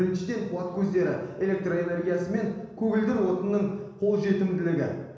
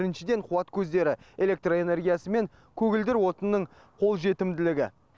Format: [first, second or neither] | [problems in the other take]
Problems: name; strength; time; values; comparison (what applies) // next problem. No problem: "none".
second | room echo; dies away in 1.1 s